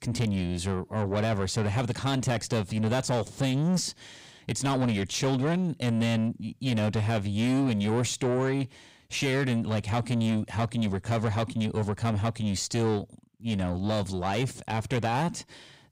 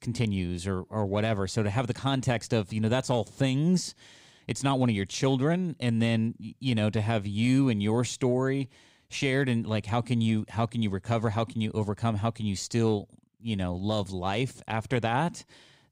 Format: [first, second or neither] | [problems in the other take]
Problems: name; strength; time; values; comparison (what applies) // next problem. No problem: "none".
second | distortion; slight; 10 dB below the speech